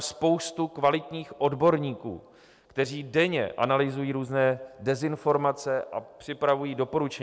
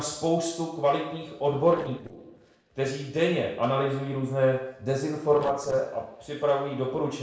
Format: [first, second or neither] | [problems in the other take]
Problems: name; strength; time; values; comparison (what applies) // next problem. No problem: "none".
first | noise reduction (neural separator model SepFormer DNS4)